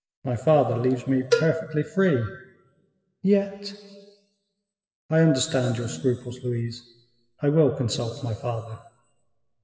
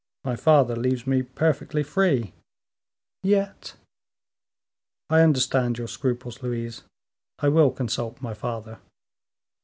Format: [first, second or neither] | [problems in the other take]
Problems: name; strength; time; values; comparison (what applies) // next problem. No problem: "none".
second | noise reduction (classical method WPE with log-MMSE)